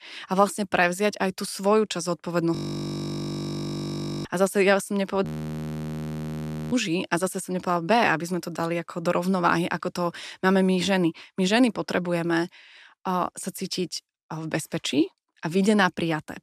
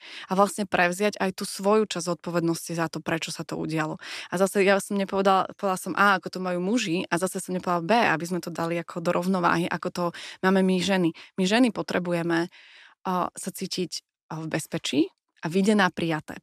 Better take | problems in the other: second | audio freezing; at 2.5 s for 1.5 s and at 5.5 s for 1.5 s

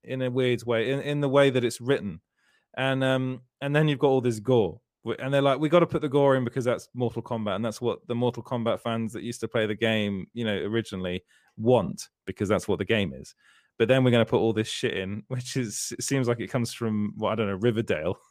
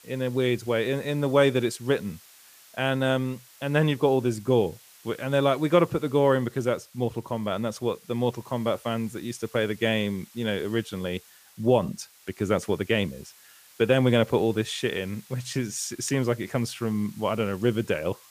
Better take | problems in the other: first | hiss; faint; throughout; 25 dB below the speech

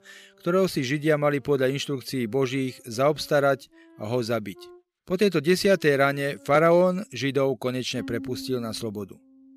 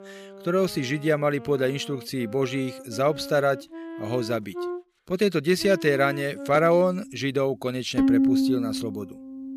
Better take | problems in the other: first | background music; loud; throughout; 4 dB below the speech; faint in the first

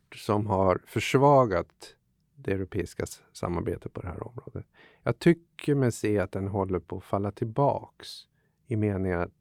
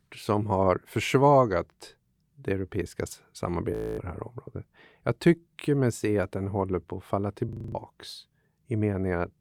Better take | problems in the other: first | audio freezing; at 3.5 s and at 7.5 s

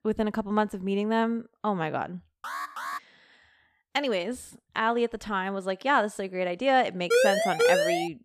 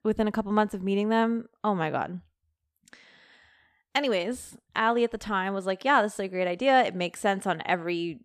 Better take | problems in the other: second | alarm; noticeable; at 2.5 s; peak 6 dB below the speech // siren; loud; at 7 s; peak 5 dB above the speech

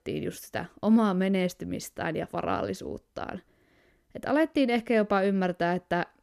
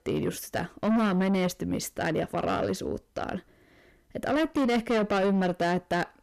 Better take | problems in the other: first | distortion; heavy; 7 dB below the speech

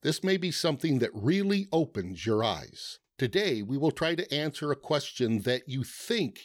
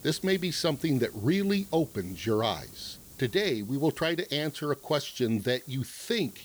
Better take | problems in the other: first | hiss; noticeable; throughout; 20 dB below the speech

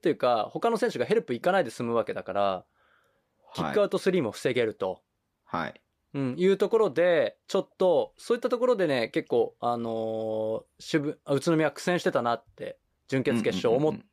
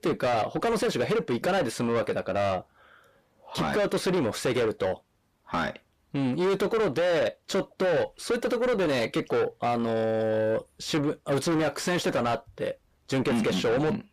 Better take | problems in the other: first | distortion; heavy; 6 dB below the speech

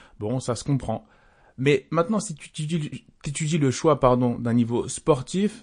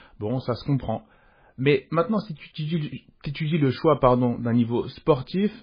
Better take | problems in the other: first | garbled, watery; badly; nothing above 5 kHz; slightly in the first

